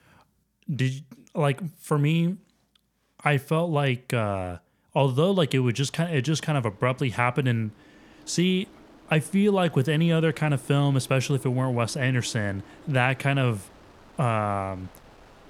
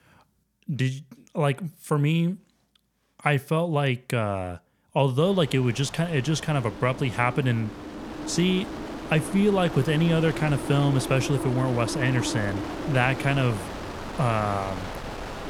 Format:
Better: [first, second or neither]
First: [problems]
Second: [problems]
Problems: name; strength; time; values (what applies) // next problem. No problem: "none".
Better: first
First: wind noise on the microphone; occasional gusts; from 5 s on; 25 dB below the speech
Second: wind noise on the microphone; heavy; from 5 s on; 8 dB below the speech